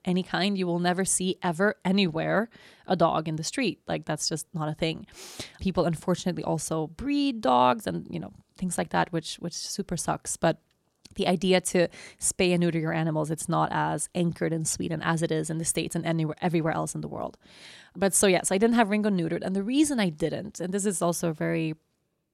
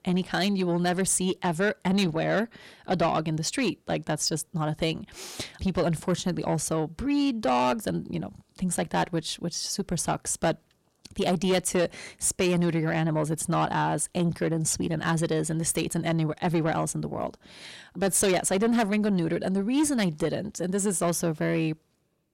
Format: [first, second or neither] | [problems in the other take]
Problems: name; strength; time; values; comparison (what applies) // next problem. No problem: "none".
first | distortion; slight; 10 dB below the speech